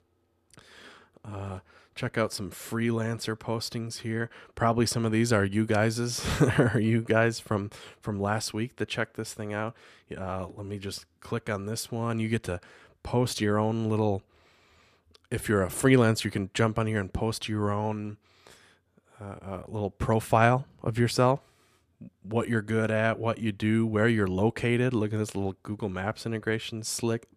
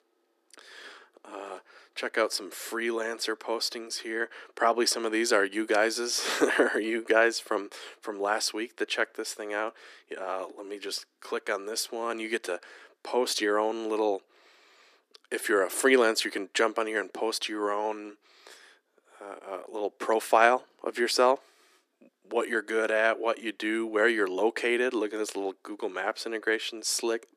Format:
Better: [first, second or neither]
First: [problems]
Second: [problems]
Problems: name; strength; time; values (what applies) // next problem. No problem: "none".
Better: first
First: none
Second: thin; very; fading below 300 Hz